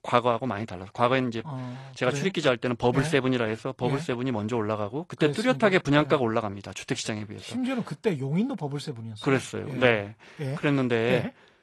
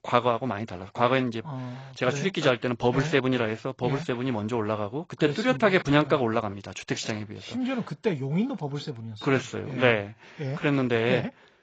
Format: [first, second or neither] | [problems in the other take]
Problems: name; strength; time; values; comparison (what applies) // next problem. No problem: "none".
first | garbled, watery; badly; nothing above 7.5 kHz; slightly in the first